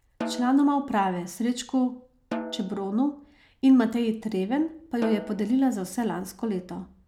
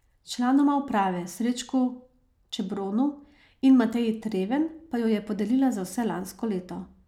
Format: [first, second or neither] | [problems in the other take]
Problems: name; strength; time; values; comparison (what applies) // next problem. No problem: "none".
second | background sound (Snare drum); 14 dB below the speech